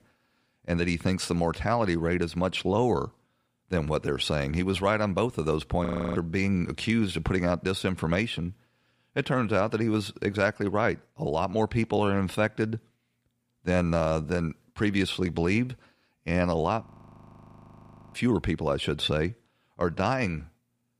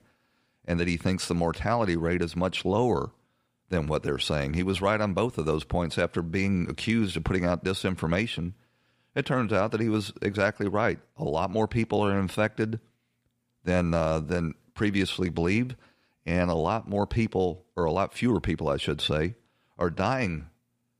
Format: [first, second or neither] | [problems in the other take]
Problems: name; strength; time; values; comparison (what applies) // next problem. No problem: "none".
second | audio freezing; at 6 s and at 17 s for 1.5 s